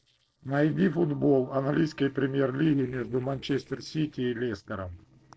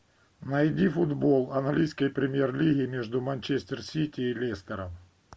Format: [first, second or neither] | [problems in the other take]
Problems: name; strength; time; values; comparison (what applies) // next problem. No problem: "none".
second | noise reduction (neural separator model SepFormer DNS4)